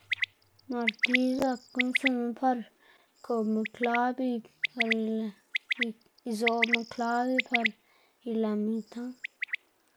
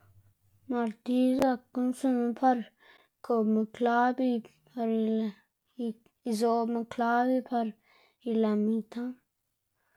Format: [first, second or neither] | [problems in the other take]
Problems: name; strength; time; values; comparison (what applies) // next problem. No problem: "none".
second | background sound (Bird); 3 dB below the speech